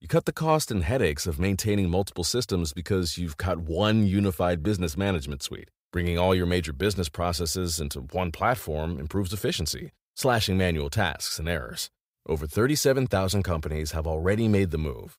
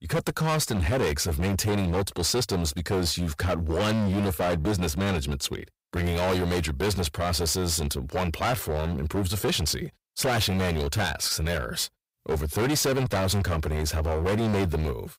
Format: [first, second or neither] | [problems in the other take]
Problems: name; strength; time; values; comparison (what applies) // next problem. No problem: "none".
first | distortion; heavy; 23% of the sound clipped